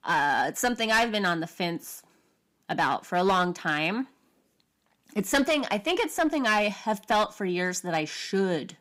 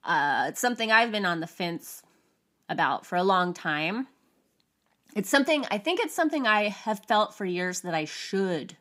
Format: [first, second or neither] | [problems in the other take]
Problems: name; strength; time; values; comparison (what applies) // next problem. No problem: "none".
second | distortion; slight; 5% of the sound clipped